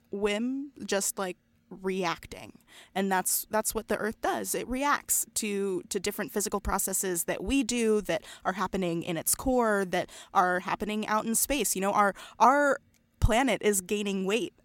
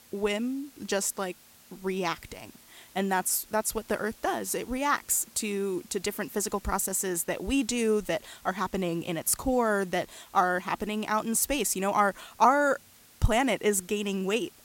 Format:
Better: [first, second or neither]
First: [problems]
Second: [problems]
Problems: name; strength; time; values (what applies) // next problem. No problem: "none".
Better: first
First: none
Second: hiss; faint; throughout; 25 dB below the speech